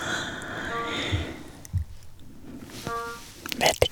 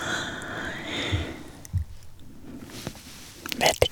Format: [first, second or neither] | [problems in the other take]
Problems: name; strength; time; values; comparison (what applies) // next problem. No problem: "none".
second | background sound (Wind instrument, woodwind instrument); 8 dB below the speech